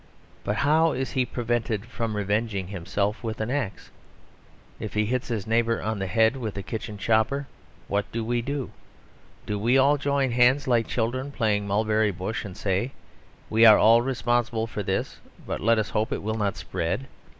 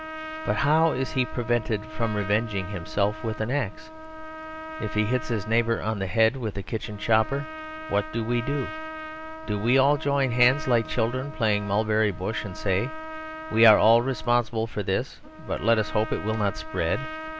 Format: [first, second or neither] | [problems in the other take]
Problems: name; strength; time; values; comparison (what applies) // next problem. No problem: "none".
first | background sound (Trumpet); 13 dB below the speech